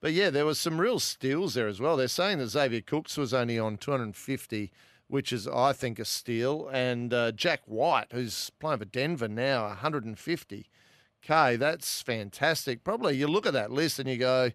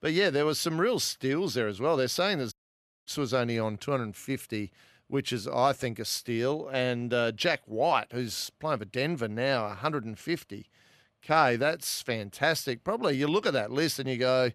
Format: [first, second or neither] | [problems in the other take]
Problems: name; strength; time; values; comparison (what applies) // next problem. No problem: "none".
first | audio cutting out; at 2.5 s for 0.5 s